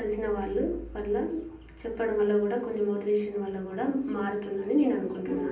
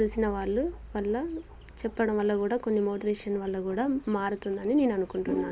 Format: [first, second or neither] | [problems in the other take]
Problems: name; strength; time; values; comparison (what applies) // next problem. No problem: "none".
second | room echo; dies away in 0.6 s